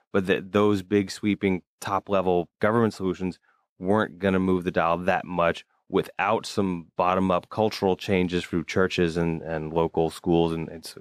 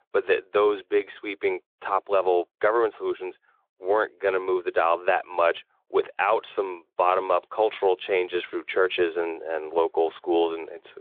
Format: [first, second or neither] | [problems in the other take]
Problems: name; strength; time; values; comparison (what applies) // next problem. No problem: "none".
first | phone-call audio; nothing above 3.5 kHz